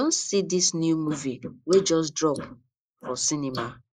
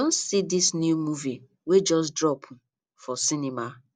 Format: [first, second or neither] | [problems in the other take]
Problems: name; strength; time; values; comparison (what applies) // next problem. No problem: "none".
second | noise reduction (neural mask model Resemble Enhance denoiser)